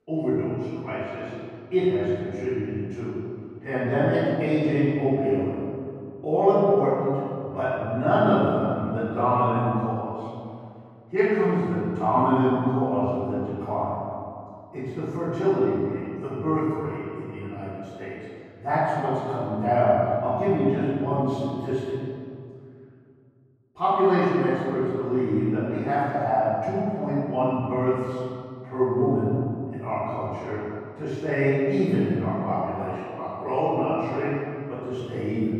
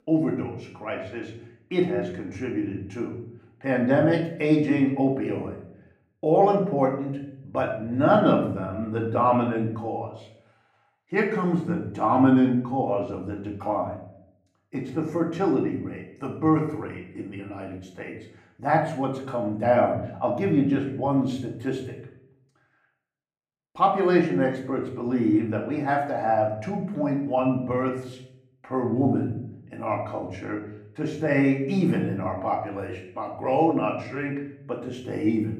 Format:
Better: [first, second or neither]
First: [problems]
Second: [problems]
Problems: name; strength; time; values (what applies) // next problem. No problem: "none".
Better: second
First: room echo; strong; dies away in 2.2 s // off-mic speech; far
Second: room echo; slight; dies away in 0.6 s // off-mic speech; far